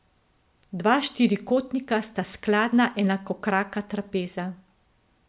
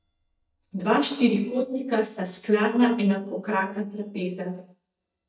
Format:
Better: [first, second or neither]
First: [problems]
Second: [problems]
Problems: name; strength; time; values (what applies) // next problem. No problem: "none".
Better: first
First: none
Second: noise reduction (neural mask model DeepFilterNet 3)